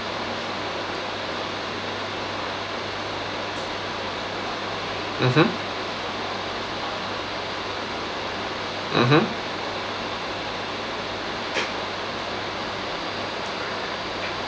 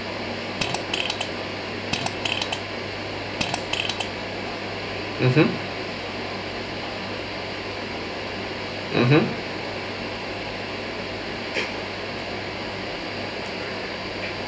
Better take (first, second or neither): first